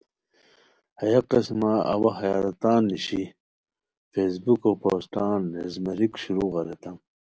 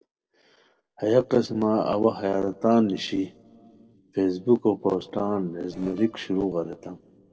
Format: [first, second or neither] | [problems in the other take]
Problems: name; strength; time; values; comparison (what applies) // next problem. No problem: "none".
first | noise reduction (neural separator model SepFormer DNS4)